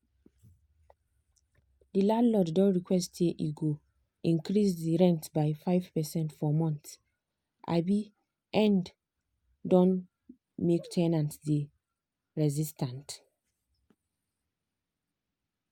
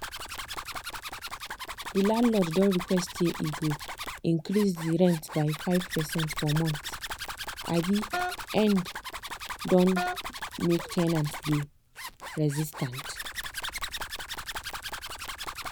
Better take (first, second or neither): first